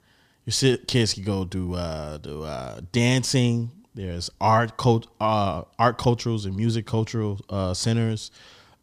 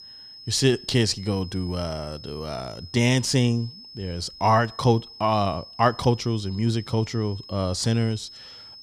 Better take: first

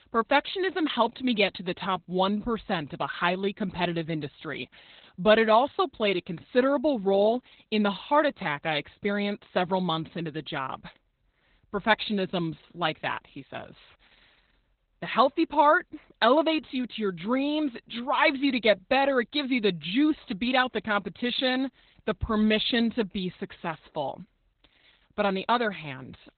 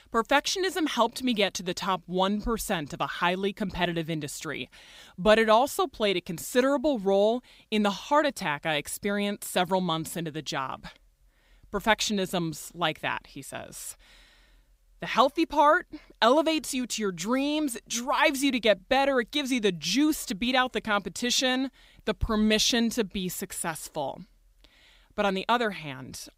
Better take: second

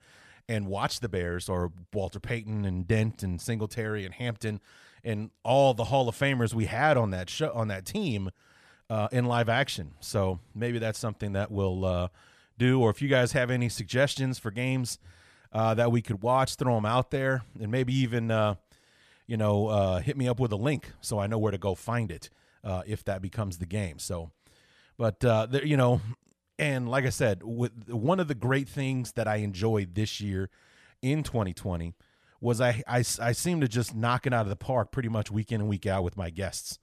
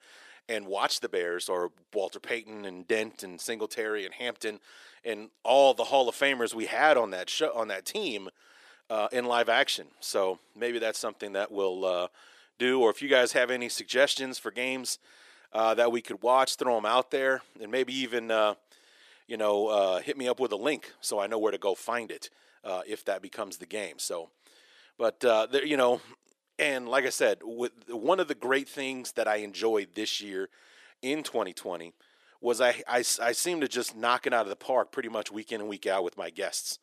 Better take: first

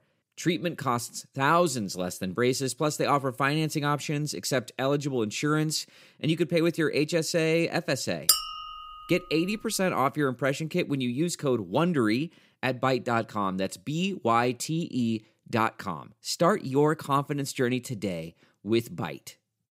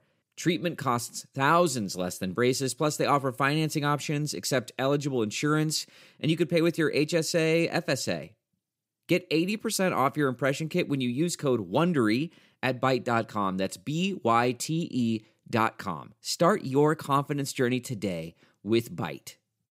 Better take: second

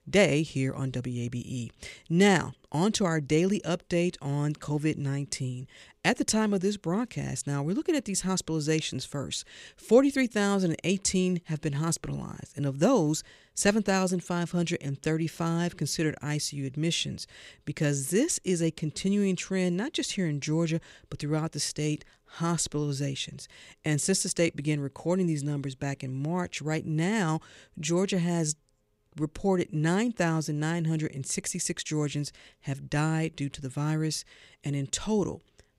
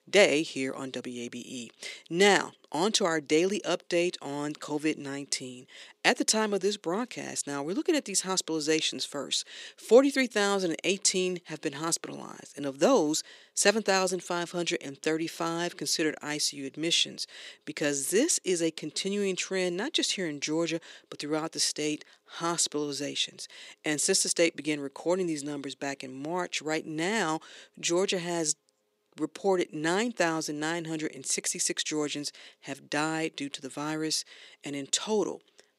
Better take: first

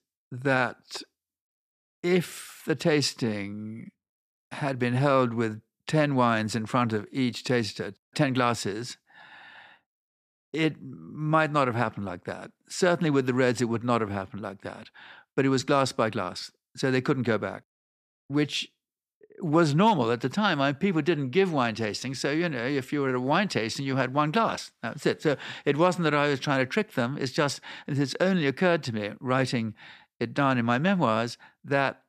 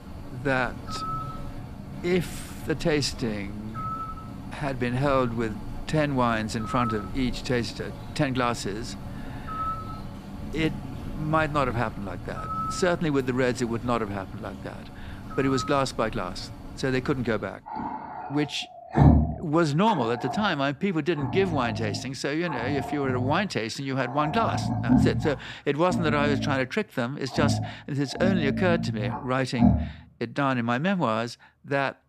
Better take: first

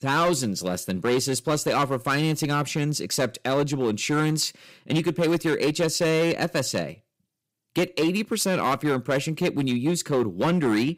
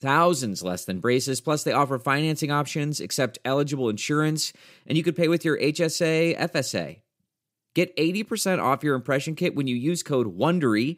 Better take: second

